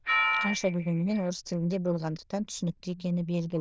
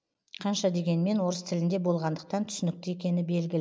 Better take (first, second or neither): second